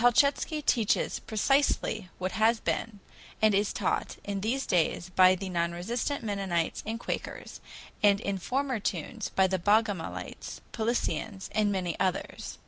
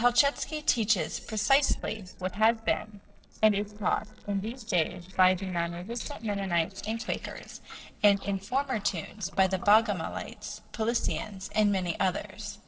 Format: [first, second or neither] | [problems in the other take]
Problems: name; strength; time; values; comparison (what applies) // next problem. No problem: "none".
first | noise reduction (neural separator model SepFormer DNS4)